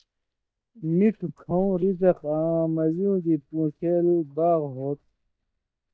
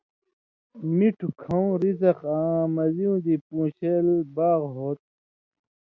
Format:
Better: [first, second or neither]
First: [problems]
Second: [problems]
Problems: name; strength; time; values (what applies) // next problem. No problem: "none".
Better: second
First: noise reduction (neural mask model DeepFilterNet 3)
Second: none